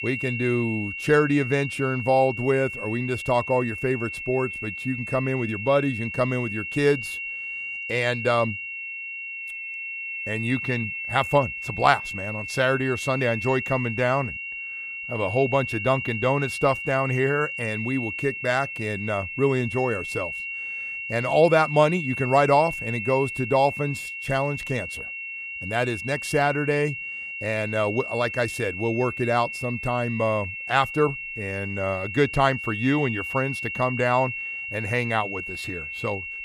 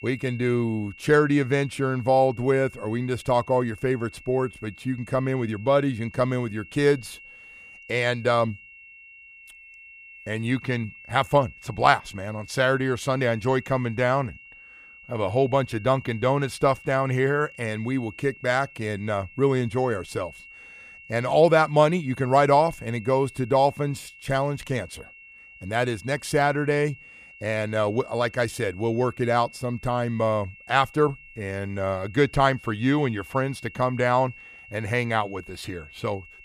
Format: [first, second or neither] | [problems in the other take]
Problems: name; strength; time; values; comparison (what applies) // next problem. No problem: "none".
second | high-pitched whine; loud; throughout; 2.5 kHz, 6 dB below the speech; faint in the second